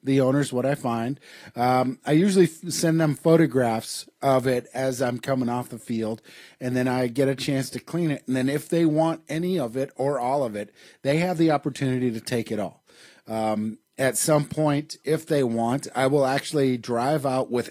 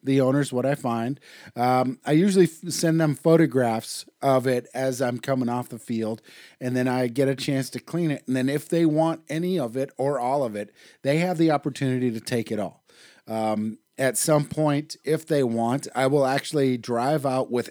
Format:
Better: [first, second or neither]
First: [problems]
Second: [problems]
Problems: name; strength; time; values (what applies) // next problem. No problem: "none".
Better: second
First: garbled, watery; slightly; nothing above 14.5 kHz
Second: none